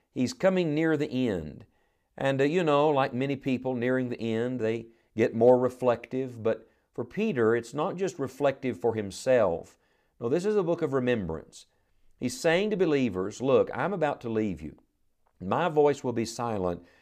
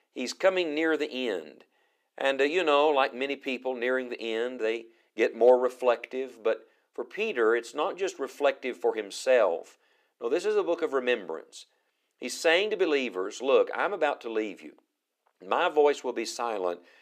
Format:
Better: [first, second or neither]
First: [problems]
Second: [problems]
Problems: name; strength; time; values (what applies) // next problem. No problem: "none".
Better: first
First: none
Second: thin; somewhat; fading below 350 Hz